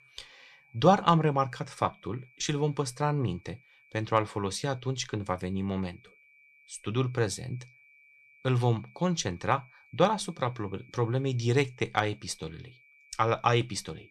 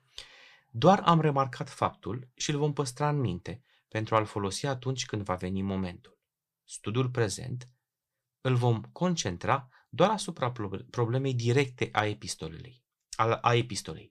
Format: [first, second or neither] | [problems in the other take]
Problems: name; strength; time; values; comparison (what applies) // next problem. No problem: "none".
second | high-pitched whine; faint; throughout; 2.5 kHz, 30 dB below the speech